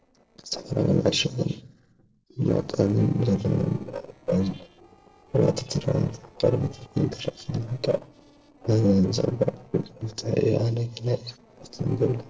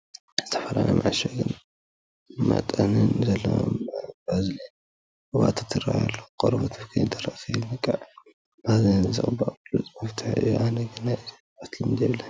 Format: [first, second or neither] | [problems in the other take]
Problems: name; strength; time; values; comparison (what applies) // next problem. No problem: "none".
second | noise reduction (neural separator model SepFormer DNS4)